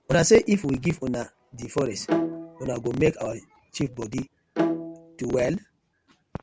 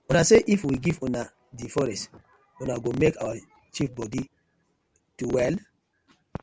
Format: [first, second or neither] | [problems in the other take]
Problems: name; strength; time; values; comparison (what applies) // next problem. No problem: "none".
second | background sound (Bowed string instrument); 4 dB below the speech